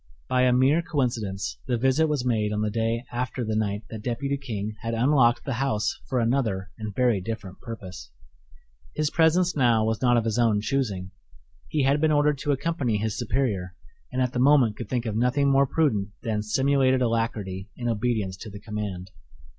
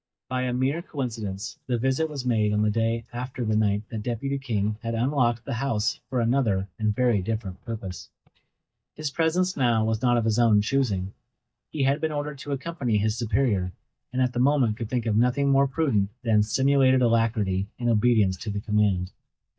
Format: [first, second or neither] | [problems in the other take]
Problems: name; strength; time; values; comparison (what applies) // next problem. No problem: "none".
first | noise reduction (neural mask model DeepFilterNet 3)